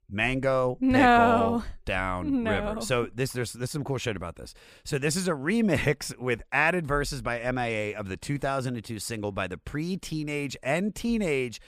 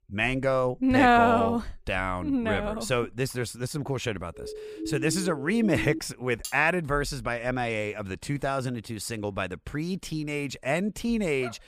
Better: first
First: none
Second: siren; noticeable; from 4.5 to 6 s; peak 7 dB below the speech // clattering dishes; faint; at 6.5 s; peak 10 dB below the speech // dog barking; very faint; at 11 s; peak 15 dB below the speech

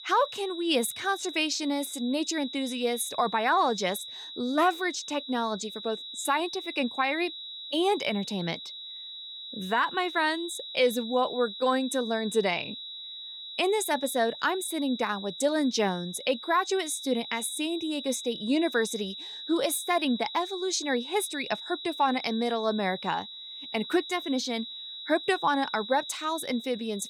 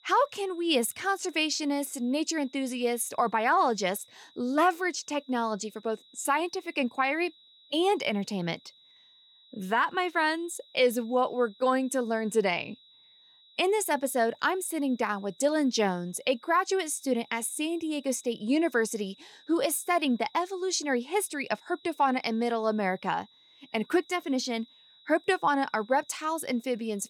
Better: second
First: high-pitched whine; loud; throughout; 4 kHz, 10 dB below the speech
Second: high-pitched whine; faint; throughout; 4 kHz, 25 dB below the speech

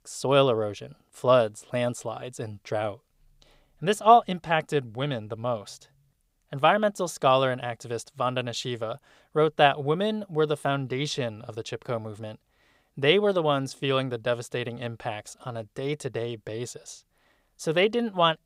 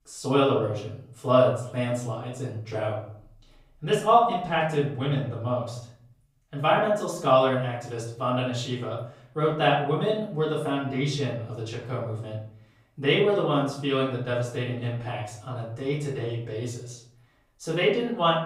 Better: first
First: none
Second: room echo; noticeable; dies away in 0.6 s // off-mic speech; far

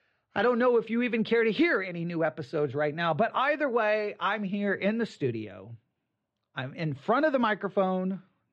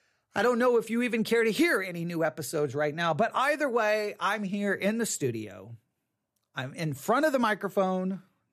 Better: second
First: muffled; slightly; fading above 3.5 kHz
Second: none

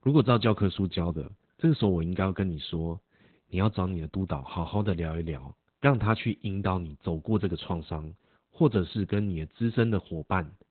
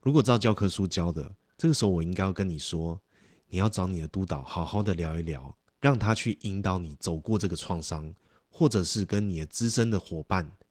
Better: second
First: garbled, watery; badly; nothing above 4 kHz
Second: garbled, watery; slightly; nothing above 15.5 kHz

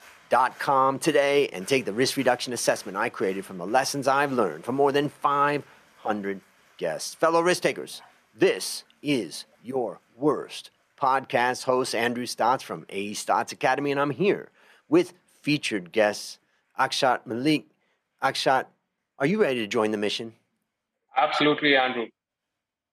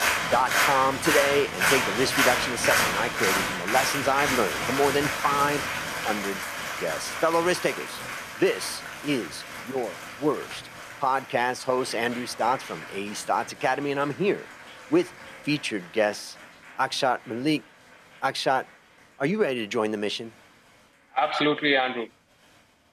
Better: first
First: crowd noise; faint; throughout; 30 dB below the speech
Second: crowd noise; loud; throughout; 1 dB below the speech

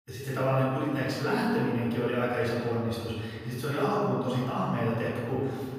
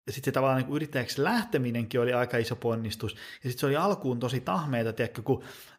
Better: second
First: off-mic speech; far // room echo; strong; dies away in 2.1 s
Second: none

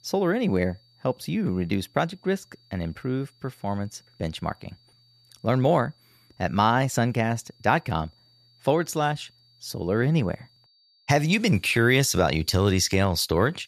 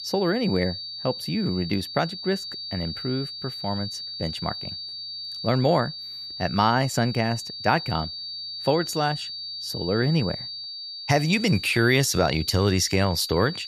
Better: first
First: high-pitched whine; faint; throughout; 4.5 kHz, 35 dB below the speech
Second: high-pitched whine; loud; throughout; 4.5 kHz, 8 dB below the speech

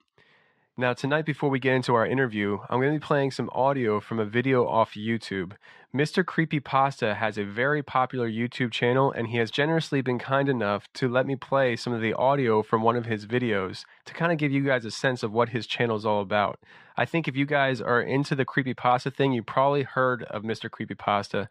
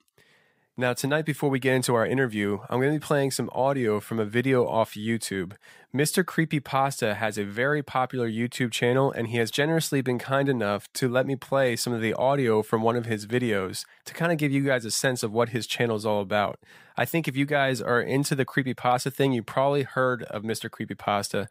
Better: second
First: muffled; very slightly; fading above 3.5 kHz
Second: none

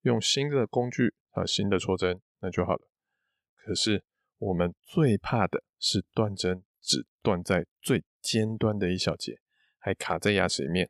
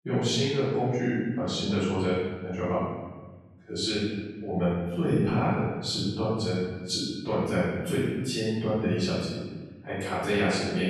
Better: first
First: none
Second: off-mic speech; far // room echo; strong; dies away in 1.4 s

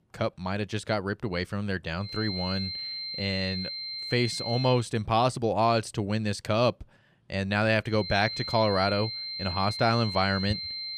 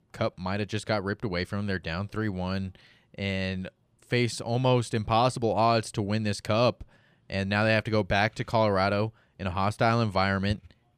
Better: second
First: high-pitched whine; loud; from 2 to 4.5 s and from 8 s on; 4 kHz, 5 dB below the speech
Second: none

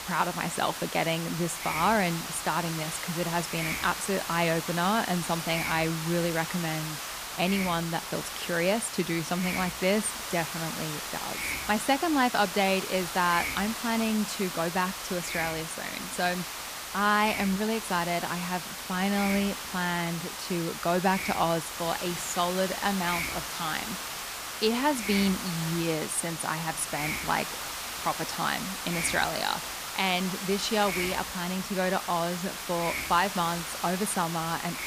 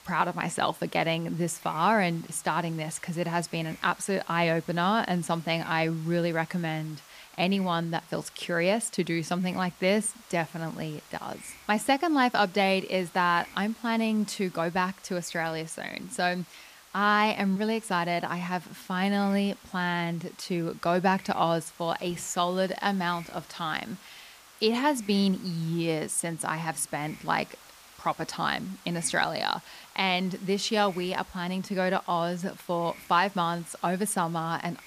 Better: second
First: hiss; loud; throughout; 5 dB below the speech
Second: hiss; faint; throughout; 20 dB below the speech

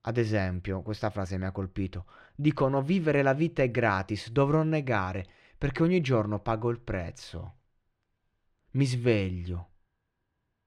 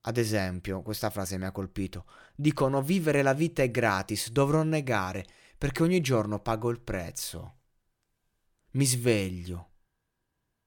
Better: second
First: muffled; slightly; fading above 3.5 kHz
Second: none

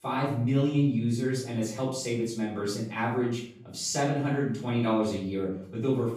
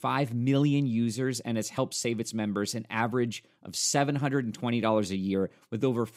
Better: second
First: off-mic speech; far // room echo; noticeable; dies away in 0.6 s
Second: none

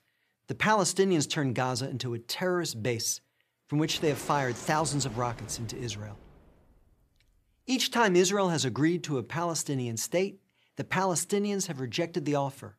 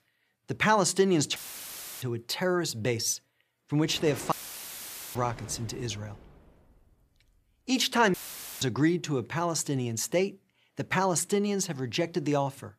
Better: first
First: none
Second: audio cutting out; filled with static; at 1.5 s for 0.5 s, at 4.5 s for 1 s and at 8 s

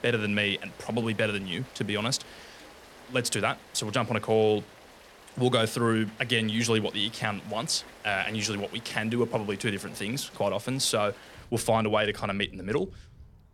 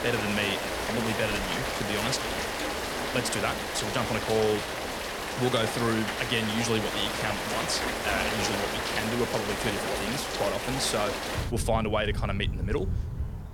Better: first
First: rain or running water; faint; throughout; 20 dB below the speech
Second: rain or running water; loud; throughout; 1 dB below the speech

